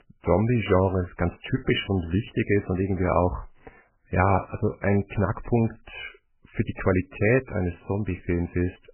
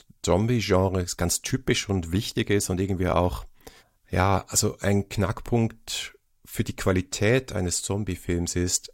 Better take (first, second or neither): second